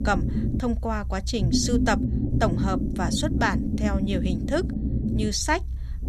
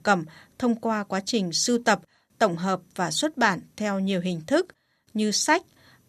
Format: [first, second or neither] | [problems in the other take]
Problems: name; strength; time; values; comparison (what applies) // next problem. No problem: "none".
second | low rumble; loud; throughout; 6 dB below the speech